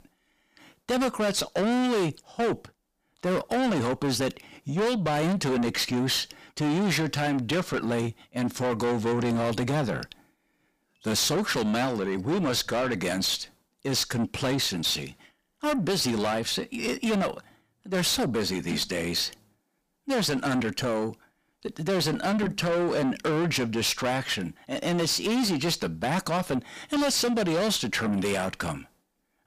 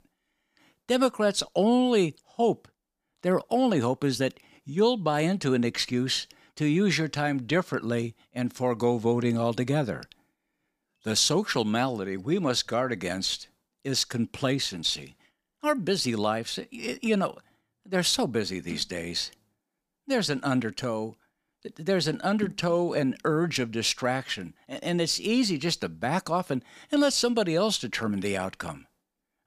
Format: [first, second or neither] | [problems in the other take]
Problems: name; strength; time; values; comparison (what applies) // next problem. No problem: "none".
second | distortion; heavy; 6 dB below the speech